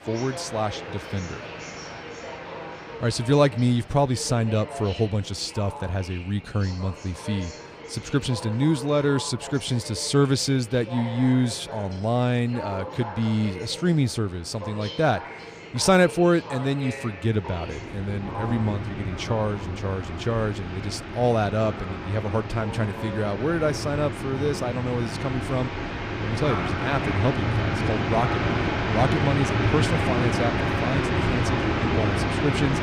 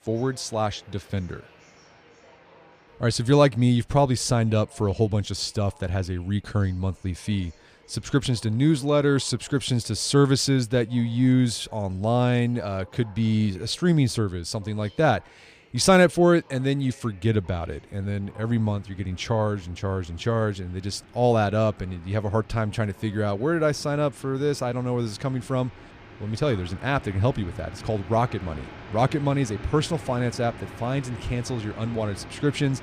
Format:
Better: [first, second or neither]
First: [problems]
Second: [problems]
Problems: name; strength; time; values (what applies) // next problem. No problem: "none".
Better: second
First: train or aircraft noise; loud; throughout; 4 dB below the speech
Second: train or aircraft noise; faint; throughout; 20 dB below the speech